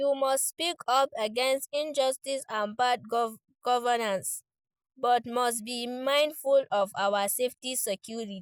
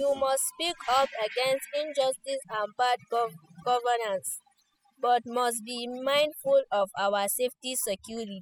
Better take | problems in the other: first | noise reduction (classical method spectral subtraction)

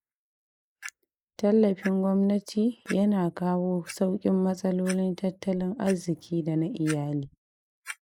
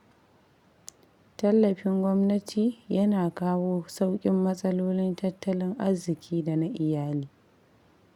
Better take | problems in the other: second | noise reduction (neural mask model Resemble Enhance denoiser)

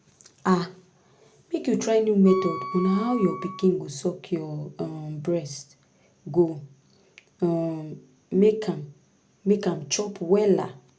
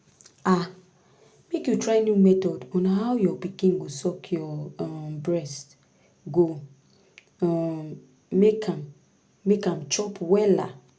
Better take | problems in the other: second | background sound (Wind instrument, woodwind instrument); 11 dB below the speech

